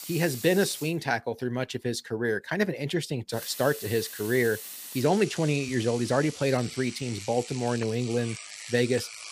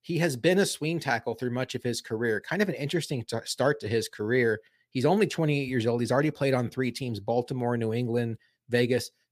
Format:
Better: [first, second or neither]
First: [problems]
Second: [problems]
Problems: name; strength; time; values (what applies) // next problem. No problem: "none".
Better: second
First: household noises; noticeable; throughout; 10 dB below the speech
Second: none